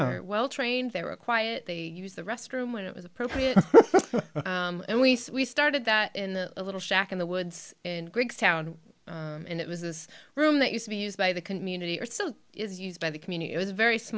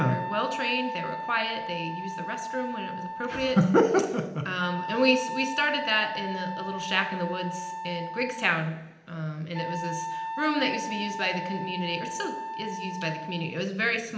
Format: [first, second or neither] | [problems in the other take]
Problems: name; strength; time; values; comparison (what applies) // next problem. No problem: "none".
first | background sound (Wind instrument, woodwind instrument); 7 dB below the speech // room echo; dies away in 0.8 s